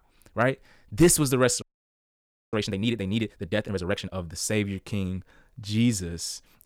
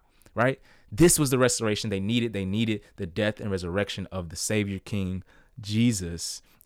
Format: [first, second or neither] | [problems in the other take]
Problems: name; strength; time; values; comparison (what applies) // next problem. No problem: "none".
second | audio freezing; at 1.5 s for 1 s